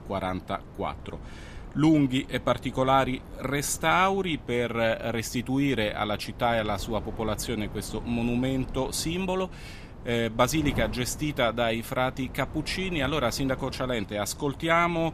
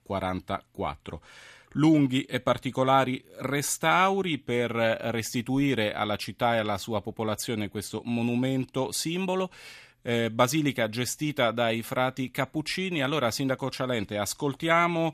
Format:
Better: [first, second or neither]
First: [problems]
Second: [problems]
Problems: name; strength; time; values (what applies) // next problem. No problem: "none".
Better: second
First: wind noise on the microphone; occasional gusts; 20 dB below the speech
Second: none